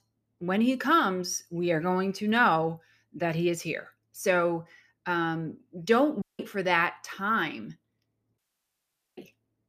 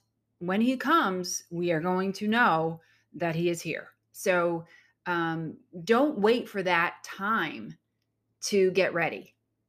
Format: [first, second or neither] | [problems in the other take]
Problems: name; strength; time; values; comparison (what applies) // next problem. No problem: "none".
second | audio cutting out; at 6 s and at 8.5 s for 1 s